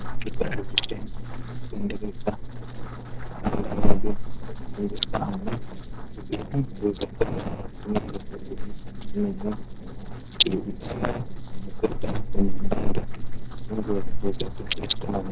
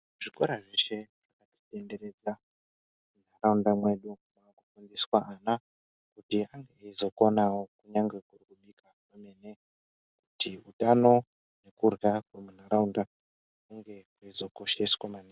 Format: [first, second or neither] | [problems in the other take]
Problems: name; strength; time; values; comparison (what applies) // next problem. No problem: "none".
second | noise reduction (neural separator model SepFormer DNS4)